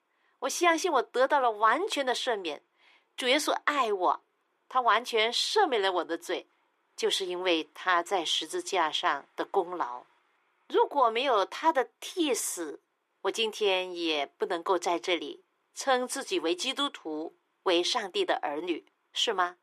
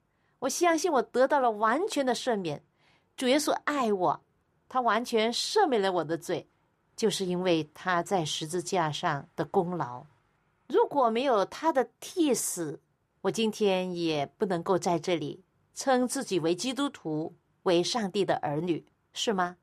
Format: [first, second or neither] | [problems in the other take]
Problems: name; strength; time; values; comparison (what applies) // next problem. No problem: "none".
second | thin; somewhat; fading below 350 Hz